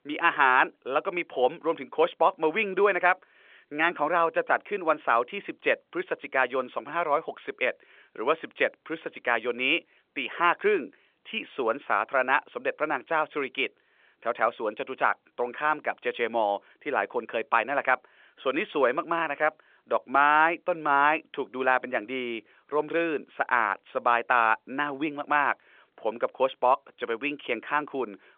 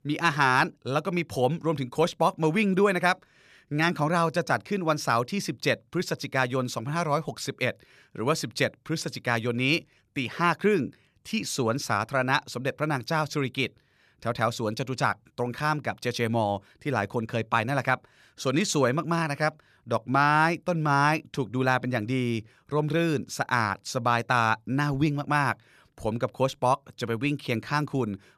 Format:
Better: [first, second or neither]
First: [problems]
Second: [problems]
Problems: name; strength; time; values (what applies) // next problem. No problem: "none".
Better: second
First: phone-call audio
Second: none